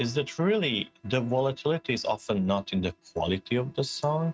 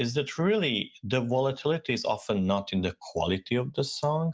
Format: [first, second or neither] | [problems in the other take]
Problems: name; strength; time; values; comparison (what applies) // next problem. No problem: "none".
second | noise reduction (neural mask model RNNoise)